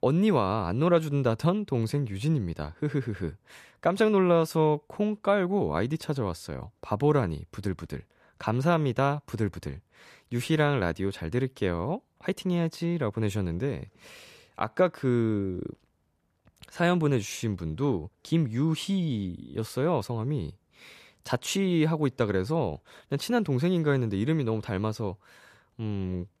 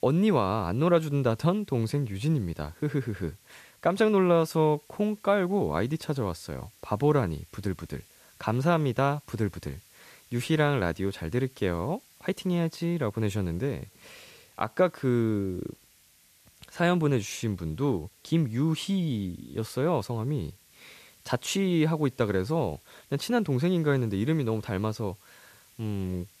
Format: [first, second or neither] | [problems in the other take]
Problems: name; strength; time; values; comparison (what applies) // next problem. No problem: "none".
first | hiss; faint; throughout; 30 dB below the speech